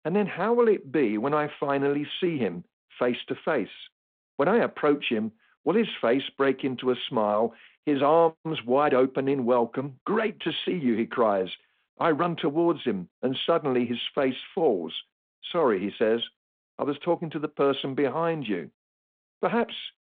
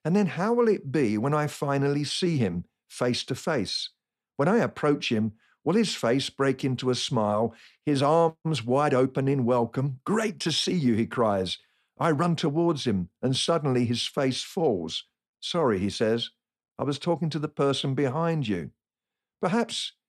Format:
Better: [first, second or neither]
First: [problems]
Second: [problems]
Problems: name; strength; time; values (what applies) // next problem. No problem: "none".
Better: second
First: phone-call audio; nothing above 3.5 kHz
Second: none